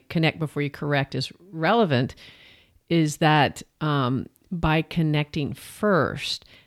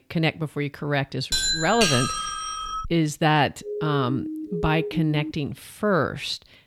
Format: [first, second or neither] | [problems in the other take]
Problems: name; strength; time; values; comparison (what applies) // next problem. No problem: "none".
first | doorbell; loud; from 1.5 to 3 s; peak 3 dB above the speech // siren; noticeable; from 3.5 to 5.5 s; peak 6 dB below the speech